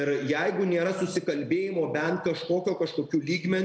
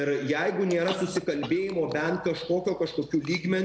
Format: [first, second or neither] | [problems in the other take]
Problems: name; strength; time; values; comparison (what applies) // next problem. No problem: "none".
first | background sound (Chewing, mastication / Cough); 16 dB below the speech